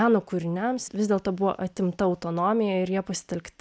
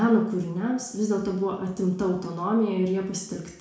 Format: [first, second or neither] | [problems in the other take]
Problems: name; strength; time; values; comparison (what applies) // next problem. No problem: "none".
first | room echo; dies away in 0.6 s